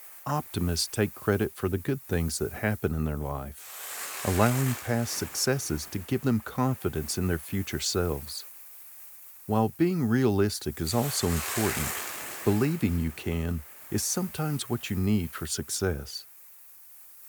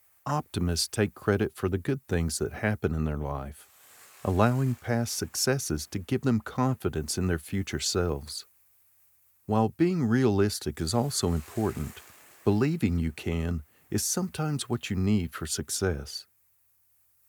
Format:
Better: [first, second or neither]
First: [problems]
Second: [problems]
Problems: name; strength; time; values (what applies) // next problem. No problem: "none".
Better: second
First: hiss; loud; throughout; 10 dB below the speech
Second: hiss; faint; throughout; 25 dB below the speech